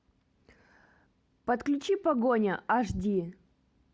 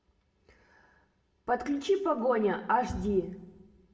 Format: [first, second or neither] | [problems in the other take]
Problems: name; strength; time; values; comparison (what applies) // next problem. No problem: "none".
first | room echo; dies away in 0.6 s